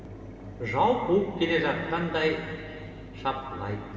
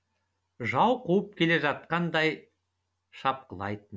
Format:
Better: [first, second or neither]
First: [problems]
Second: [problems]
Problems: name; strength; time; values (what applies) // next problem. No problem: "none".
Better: second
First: background sound (Mechanisms); 13 dB below the speech // room echo; dies away in 2.3 s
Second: none